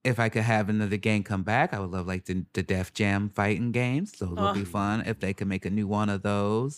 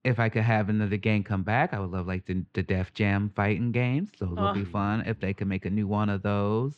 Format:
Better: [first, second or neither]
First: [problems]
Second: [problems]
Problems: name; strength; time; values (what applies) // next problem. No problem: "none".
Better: first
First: none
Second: muffled; slightly; fading above 3.5 kHz